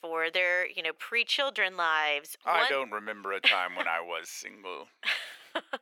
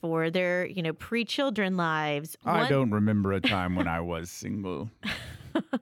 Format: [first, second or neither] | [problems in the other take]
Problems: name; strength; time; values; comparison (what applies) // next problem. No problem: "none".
second | thin; very; fading below 550 Hz